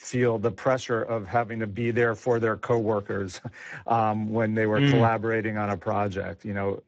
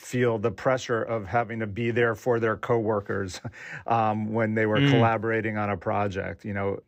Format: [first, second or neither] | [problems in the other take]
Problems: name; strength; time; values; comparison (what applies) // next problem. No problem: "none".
second | garbled, watery; badly; nothing above 7.5 kHz